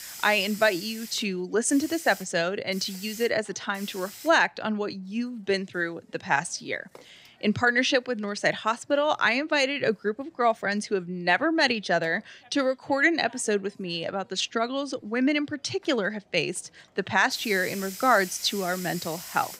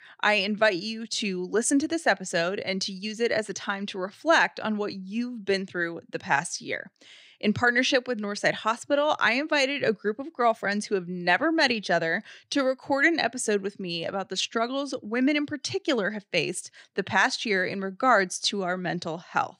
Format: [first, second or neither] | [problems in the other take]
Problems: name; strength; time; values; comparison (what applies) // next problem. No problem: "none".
second | hiss; noticeable; throughout; 15 dB below the speech